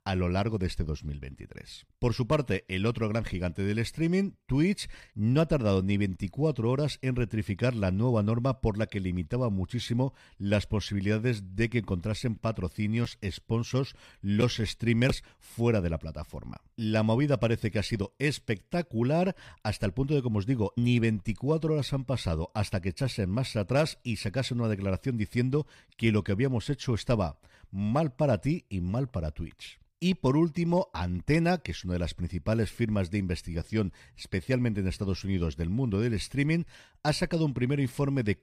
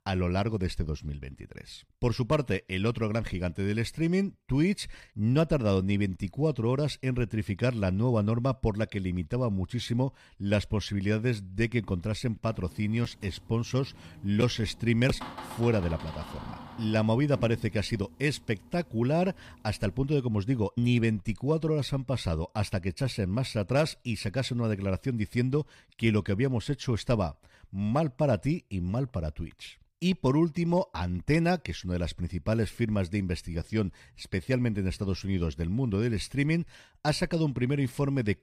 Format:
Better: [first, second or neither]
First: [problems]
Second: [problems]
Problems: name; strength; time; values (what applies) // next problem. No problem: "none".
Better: first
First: none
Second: door banging; faint; from 12 to 20 s; peak 10 dB below the speech